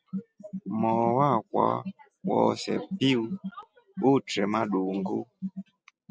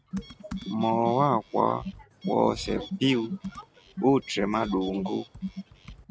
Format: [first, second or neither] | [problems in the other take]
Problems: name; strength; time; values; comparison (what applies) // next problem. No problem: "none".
first | background sound (Bird + Computer keyboard); 19 dB below the speech